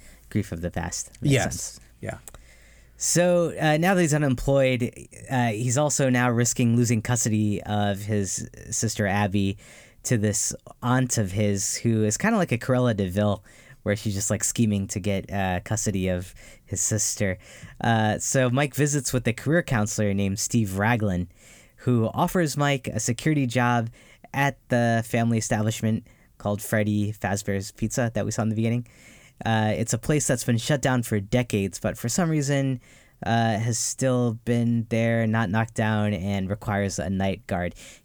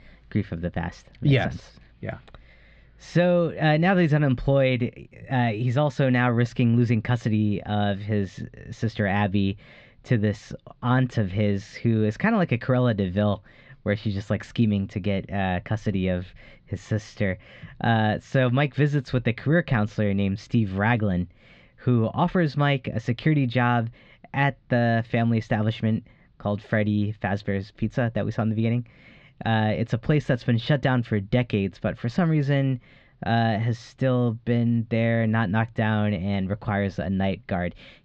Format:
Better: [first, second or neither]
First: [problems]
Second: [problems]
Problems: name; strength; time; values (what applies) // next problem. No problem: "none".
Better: first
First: none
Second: muffled; very; fading above 4 kHz